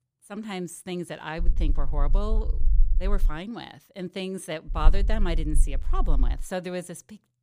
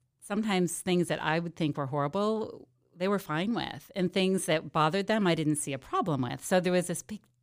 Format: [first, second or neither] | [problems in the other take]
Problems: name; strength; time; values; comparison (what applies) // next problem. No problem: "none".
second | low rumble; noticeable; from 1.5 to 3.5 s and from 4.5 to 6.5 s; 20 dB below the speech